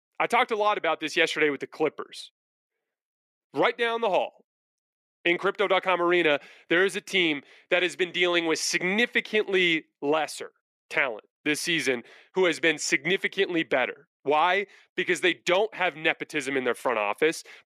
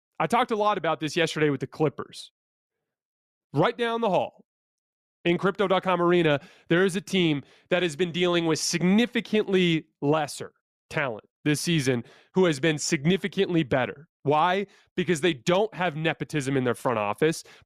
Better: second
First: thin; somewhat; fading below 400 Hz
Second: none

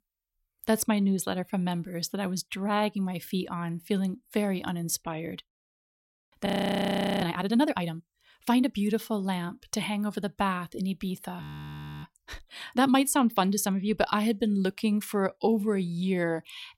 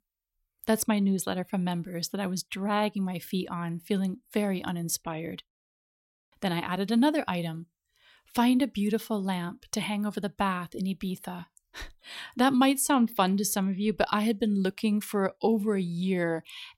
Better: second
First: audio freezing; at 6.5 s for 1 s and at 11 s for 0.5 s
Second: none

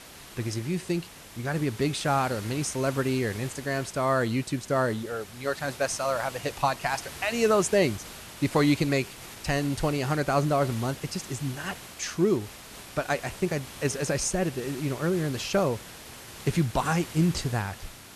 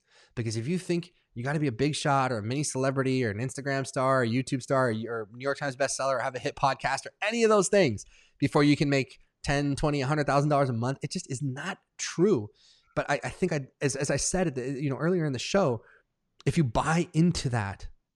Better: second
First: hiss; noticeable; throughout; 15 dB below the speech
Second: none

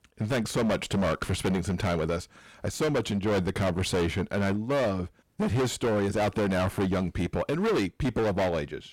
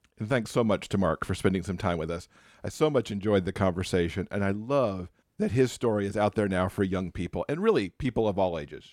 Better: second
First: distortion; heavy; 22% of the sound clipped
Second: none

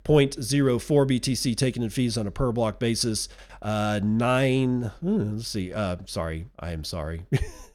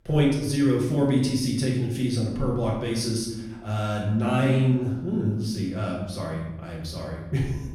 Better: first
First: none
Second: off-mic speech; far // room echo; noticeable; dies away in 1 s

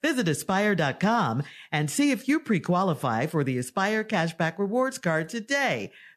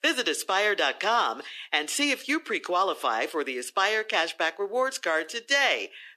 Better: first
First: none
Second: thin; somewhat; fading below 300 Hz

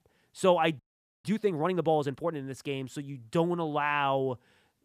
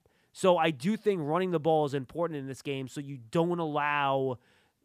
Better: second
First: audio freezing; at 1 s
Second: none

